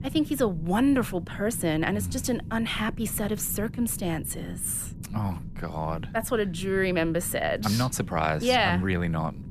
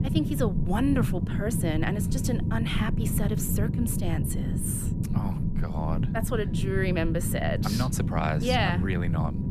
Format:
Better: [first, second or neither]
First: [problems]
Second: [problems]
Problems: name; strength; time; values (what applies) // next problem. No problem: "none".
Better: first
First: low rumble; faint; throughout; 20 dB below the speech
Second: low rumble; loud; throughout; 7 dB below the speech